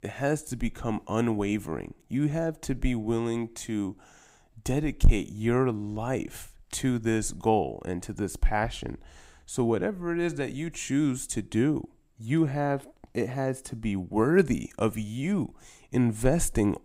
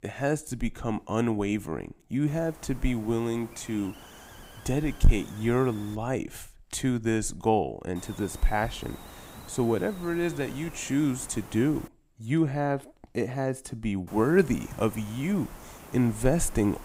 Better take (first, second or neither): first